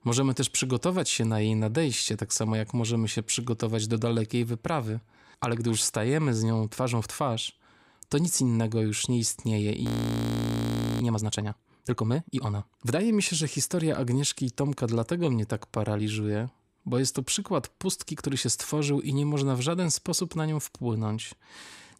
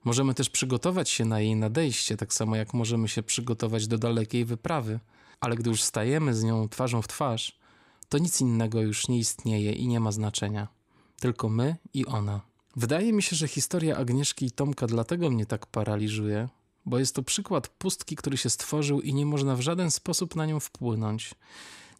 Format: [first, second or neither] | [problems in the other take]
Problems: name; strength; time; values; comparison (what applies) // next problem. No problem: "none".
second | audio freezing; at 10 s for 1 s